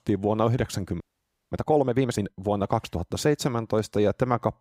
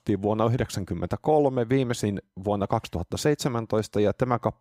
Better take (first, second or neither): second